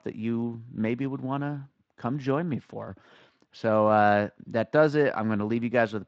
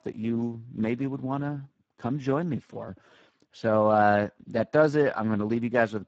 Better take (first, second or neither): first